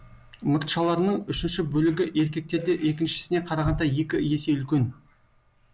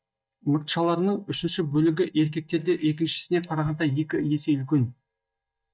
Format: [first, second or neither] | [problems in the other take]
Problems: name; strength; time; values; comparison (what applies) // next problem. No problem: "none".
first | noise reduction (neural mask model DeepFilterNet 3)